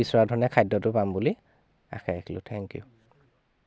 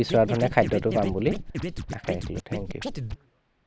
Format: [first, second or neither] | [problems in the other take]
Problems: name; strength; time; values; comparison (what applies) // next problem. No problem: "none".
first | background sound (Scratching (performance technique)); 5 dB below the speech